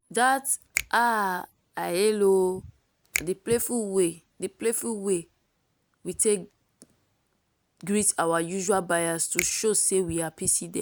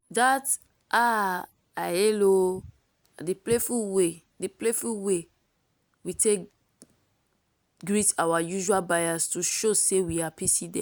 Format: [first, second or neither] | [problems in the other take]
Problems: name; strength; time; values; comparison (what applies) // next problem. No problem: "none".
second | background sound (Finger snapping); 11 dB below the speech